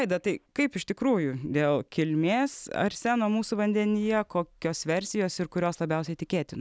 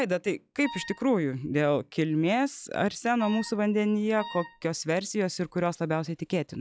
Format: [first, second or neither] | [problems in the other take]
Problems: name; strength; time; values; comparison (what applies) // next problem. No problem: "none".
first | noise reduction (classical method log-MMSE)